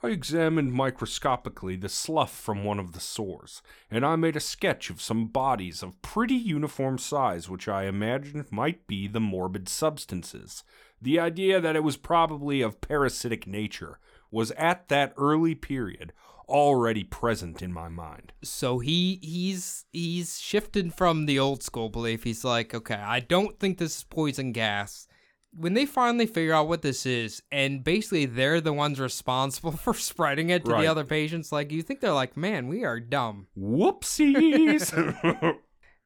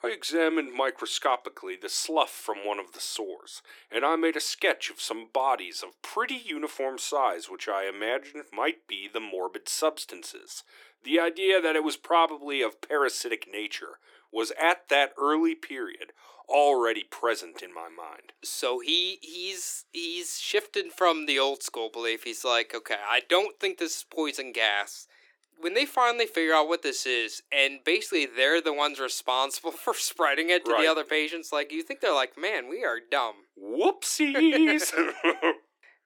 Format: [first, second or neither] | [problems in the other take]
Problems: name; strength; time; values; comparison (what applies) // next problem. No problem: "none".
first | thin; very; fading below 300 Hz